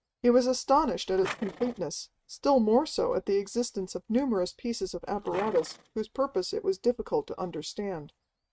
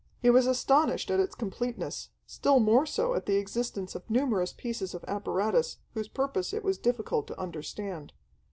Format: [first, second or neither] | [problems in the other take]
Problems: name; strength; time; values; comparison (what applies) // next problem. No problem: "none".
second | noise reduction (neural mask model RNNoise)